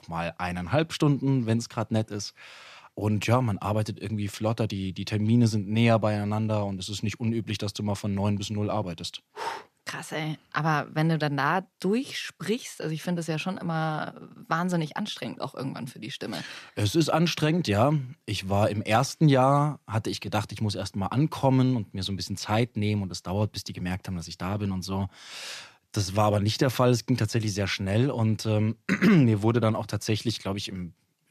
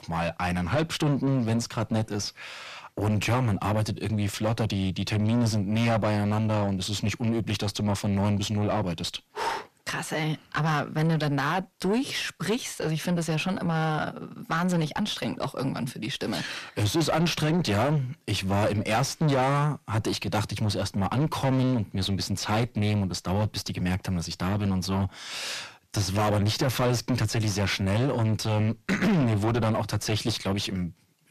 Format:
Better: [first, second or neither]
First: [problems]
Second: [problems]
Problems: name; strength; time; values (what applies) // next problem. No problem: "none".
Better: first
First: none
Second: distortion; heavy; 5 dB below the speech